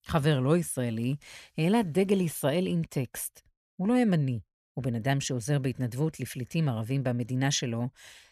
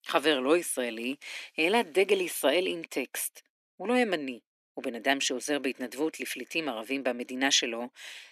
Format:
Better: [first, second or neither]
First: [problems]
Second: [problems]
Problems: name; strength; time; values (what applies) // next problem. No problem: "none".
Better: first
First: none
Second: thin; somewhat; fading below 300 Hz